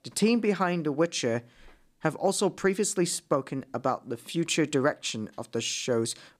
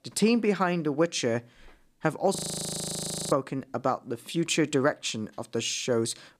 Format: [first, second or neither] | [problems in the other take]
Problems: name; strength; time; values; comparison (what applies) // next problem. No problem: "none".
first | audio freezing; at 2.5 s for 1 s